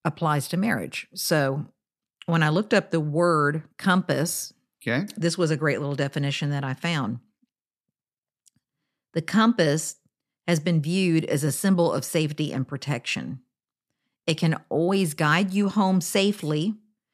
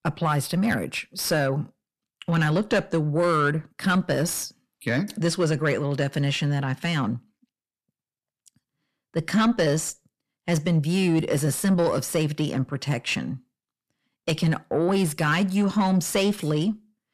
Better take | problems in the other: first | distortion; slight; 10 dB below the speech

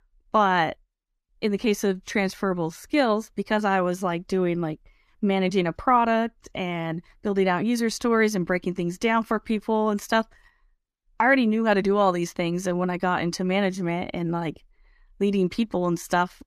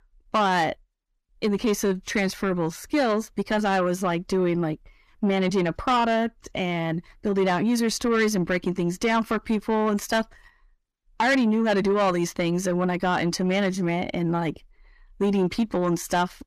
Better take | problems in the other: first | distortion; slight; 10 dB below the speech

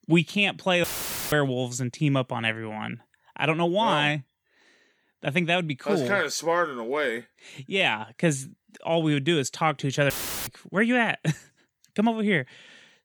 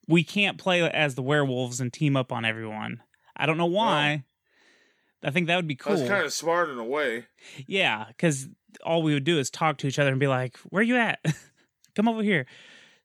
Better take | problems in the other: second | audio cutting out; filled with static; at 1 s and at 10 s

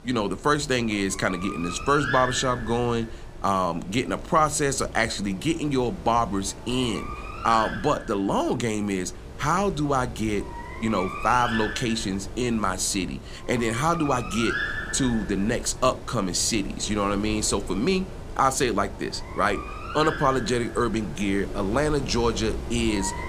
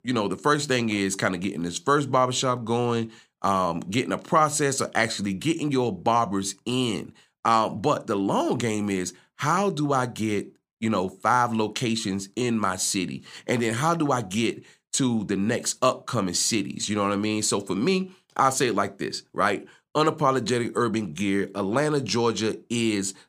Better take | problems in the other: second | animal sounds; noticeable; throughout; 10 dB below the speech

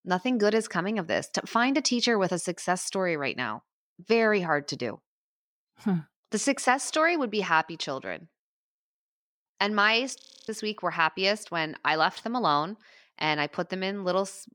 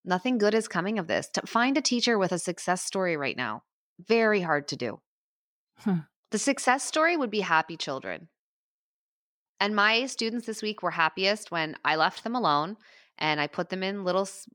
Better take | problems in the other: second | audio freezing; at 10 s

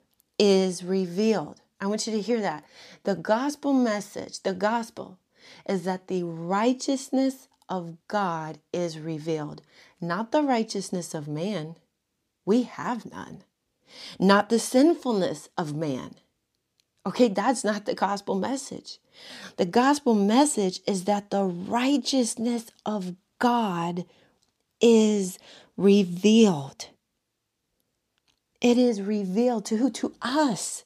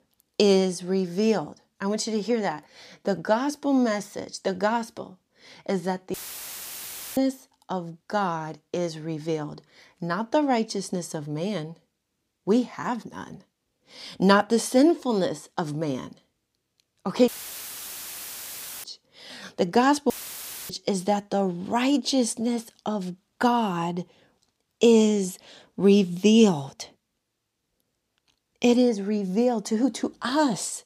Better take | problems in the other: first | audio cutting out; filled with static; at 6 s for 1 s, at 17 s for 1.5 s and at 20 s for 0.5 s

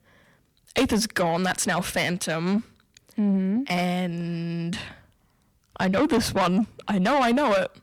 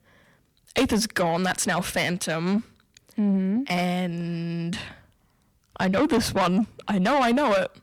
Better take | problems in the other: neither | distortion; heavy; 7 dB below the speech; the same in both

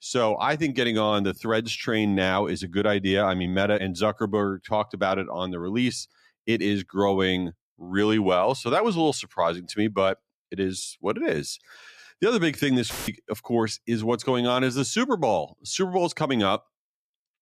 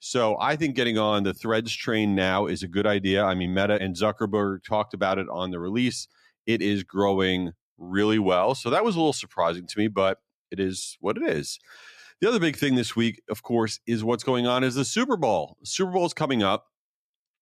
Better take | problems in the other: second | audio cutting out; filled with static; at 13 s

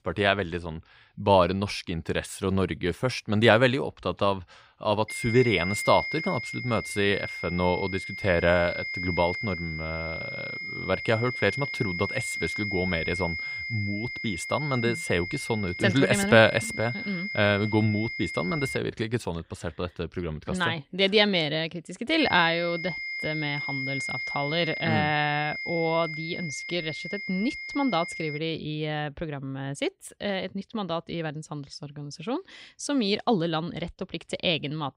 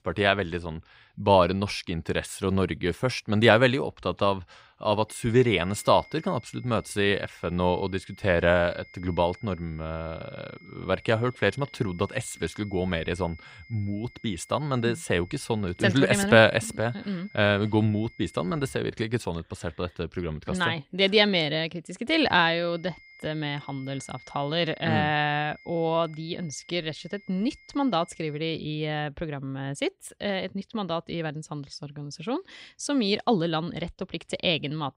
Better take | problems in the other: second | high-pitched whine; loud; from 5 to 19 s and from 22 to 28 s; 2 kHz, 5 dB below the speech; faint in the second

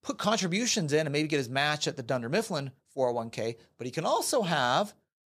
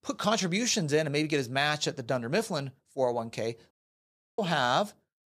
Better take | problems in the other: first | audio cutting out; at 3.5 s for 0.5 s

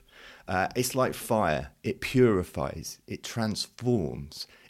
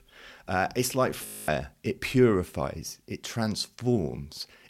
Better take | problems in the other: first | audio freezing; at 1.5 s

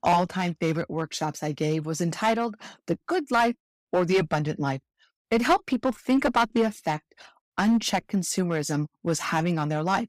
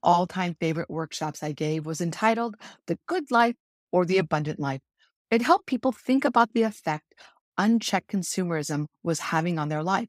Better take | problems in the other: second | distortion; slight; 3% of the sound clipped

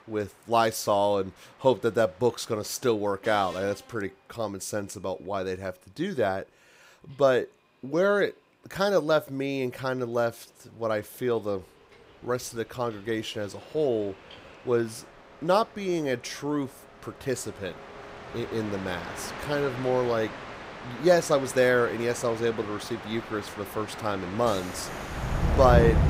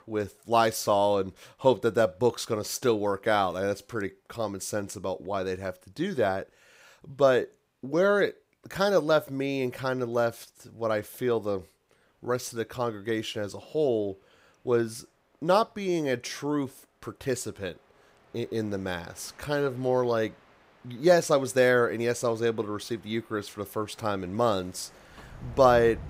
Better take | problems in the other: second | train or aircraft noise; loud; throughout; 7 dB below the speech; faint in the second

